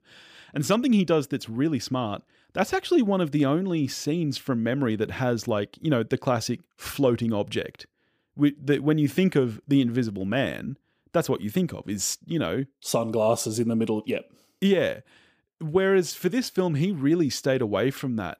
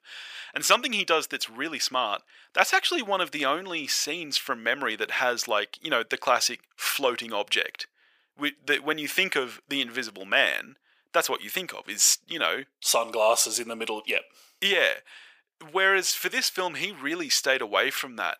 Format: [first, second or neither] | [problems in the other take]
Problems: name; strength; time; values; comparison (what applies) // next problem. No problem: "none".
first | thin; very; fading below 900 Hz